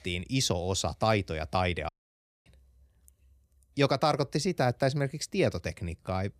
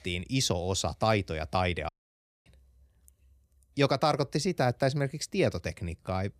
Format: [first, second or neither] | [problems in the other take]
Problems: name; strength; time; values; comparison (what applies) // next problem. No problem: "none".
neither | audio cutting out; at 2 s for 0.5 s; the same in both